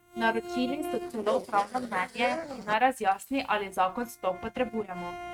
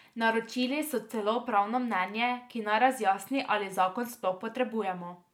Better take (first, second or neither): second